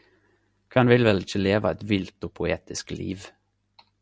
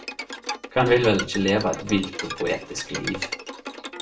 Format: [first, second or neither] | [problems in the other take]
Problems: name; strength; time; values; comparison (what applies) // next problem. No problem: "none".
first | background sound (Bowed string instrument); 9 dB below the speech // room echo; dies away in 0.3 s